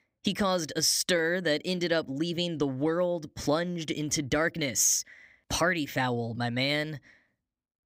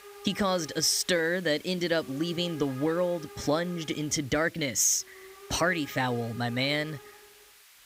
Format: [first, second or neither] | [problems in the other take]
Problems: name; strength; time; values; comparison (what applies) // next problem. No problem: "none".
first | hiss; noticeable; throughout; 20 dB below the speech